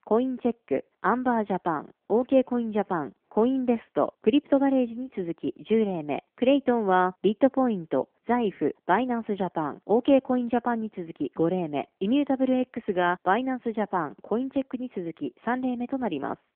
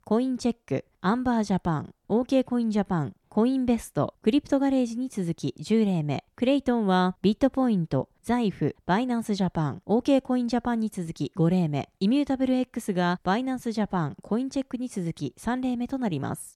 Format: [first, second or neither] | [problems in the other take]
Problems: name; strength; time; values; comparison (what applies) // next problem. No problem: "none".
second | phone-call audio; nothing above 3.5 kHz